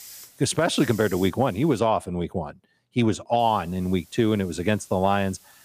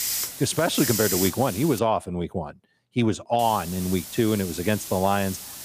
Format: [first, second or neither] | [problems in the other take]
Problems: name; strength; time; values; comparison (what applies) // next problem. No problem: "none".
first | hiss; loud; until 2 s and from 3.5 s on; 6 dB below the speech; faint in the first